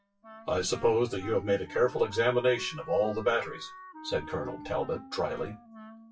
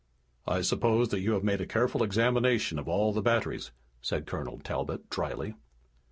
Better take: second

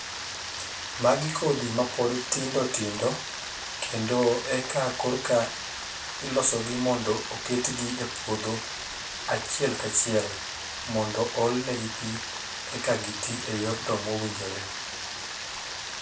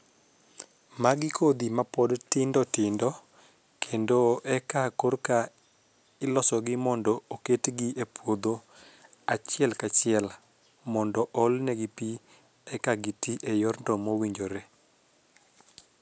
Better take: second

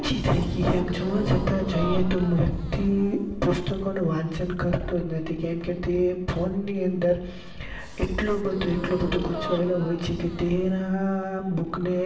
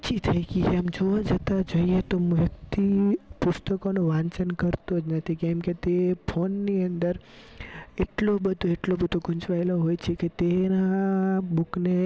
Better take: second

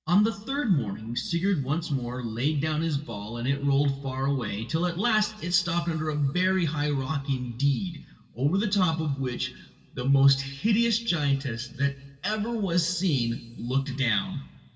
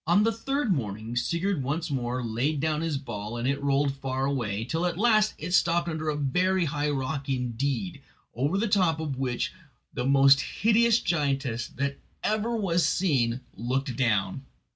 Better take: second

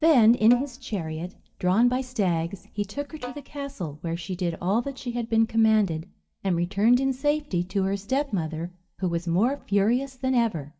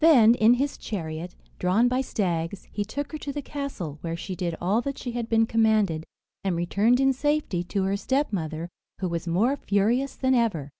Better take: second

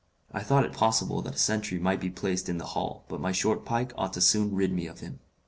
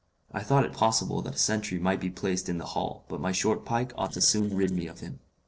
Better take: first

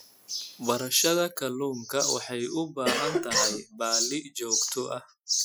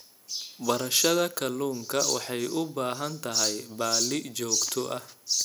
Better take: second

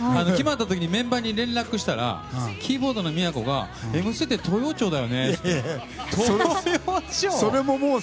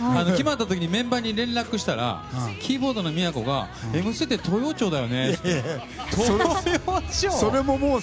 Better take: first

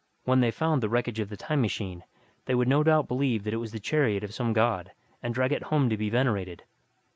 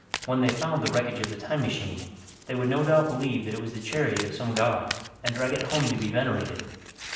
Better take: first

